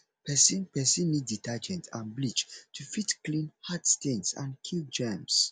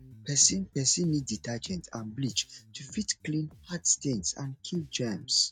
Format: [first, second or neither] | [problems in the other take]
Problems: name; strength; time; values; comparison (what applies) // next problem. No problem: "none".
first | noise reduction (neural mask model RNNoise)